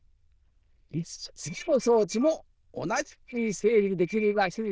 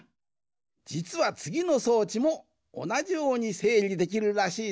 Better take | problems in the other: second | noise reduction (neural diffusion model UNIVERSE++)

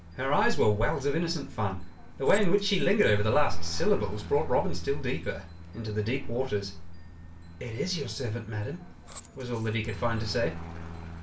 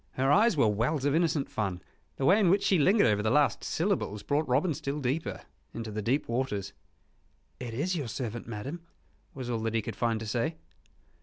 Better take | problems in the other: second | background sound (Aircraft); 16 dB below the speech // room echo; dies away in 0.3 s

